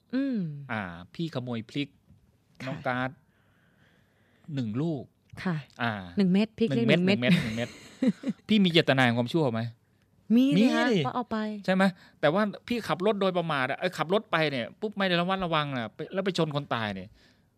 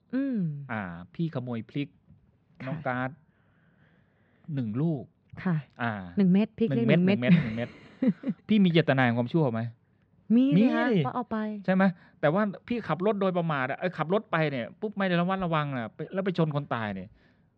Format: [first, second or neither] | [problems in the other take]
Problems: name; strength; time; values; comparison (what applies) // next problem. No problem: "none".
first | muffled; slightly; fading above 2.5 kHz